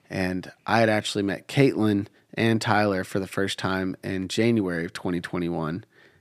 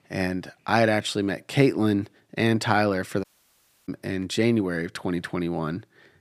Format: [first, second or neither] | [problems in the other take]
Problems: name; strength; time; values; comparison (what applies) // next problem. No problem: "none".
first | audio cutting out; at 3 s for 0.5 s